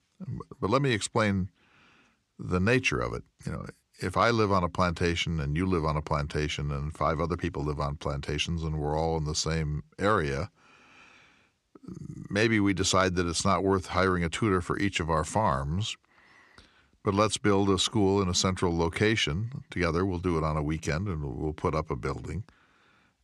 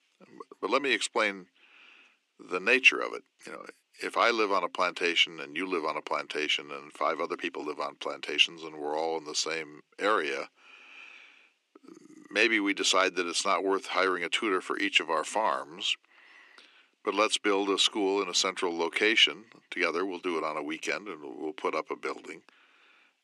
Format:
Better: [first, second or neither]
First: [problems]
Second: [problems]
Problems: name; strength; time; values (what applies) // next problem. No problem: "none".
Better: first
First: none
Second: thin; somewhat; fading below 300 Hz